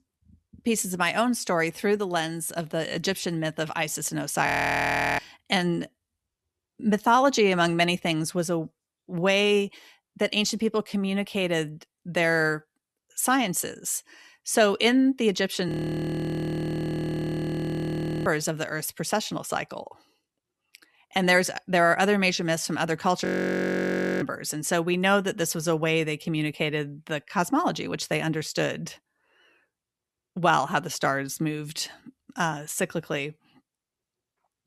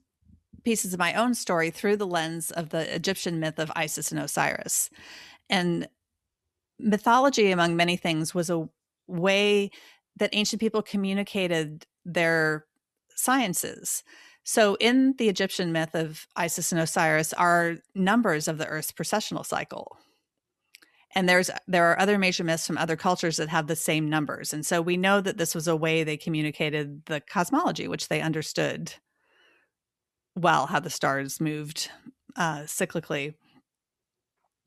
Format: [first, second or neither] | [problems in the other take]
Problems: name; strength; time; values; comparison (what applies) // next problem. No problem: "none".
second | audio freezing; at 4.5 s for 0.5 s, at 16 s for 2.5 s and at 23 s for 1 s